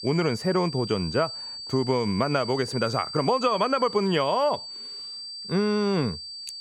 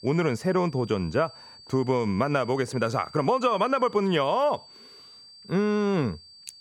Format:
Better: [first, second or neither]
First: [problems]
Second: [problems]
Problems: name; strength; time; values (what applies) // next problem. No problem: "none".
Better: second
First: high-pitched whine; loud; throughout; 4.5 kHz, 9 dB below the speech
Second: high-pitched whine; faint; throughout; 4.5 kHz, 20 dB below the speech